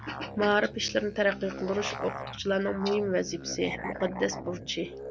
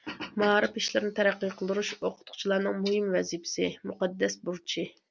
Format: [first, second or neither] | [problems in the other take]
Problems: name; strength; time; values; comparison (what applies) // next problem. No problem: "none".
second | background sound (Musical instrument); 10 dB below the speech